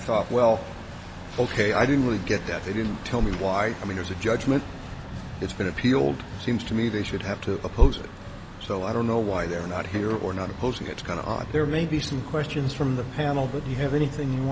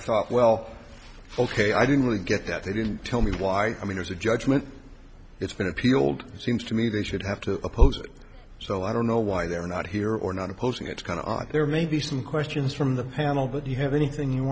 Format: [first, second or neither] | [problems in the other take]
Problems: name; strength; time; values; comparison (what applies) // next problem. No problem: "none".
second | background sound (Truck); 12 dB below the speech